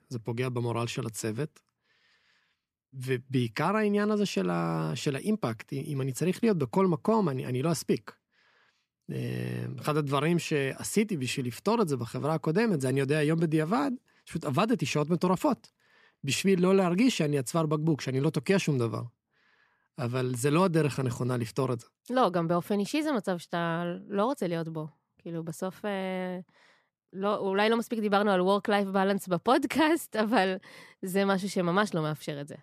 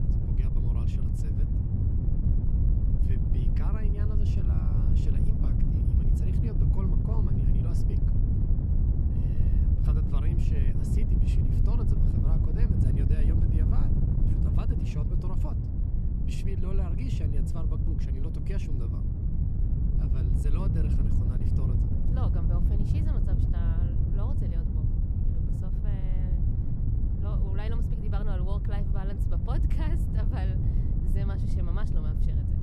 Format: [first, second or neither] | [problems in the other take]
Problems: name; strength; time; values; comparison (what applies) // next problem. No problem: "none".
first | wind noise on the microphone; heavy; 5 dB above the speech